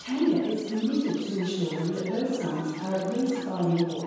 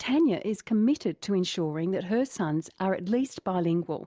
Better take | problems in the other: second | background sound (Chirp, tweet); 17 dB below the speech // room echo; dies away in 1.2 s

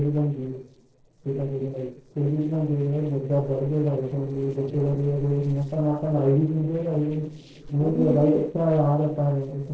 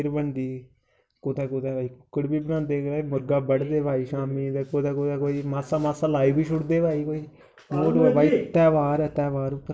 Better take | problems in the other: second | noise reduction (neural separator model SepFormer DNS4)

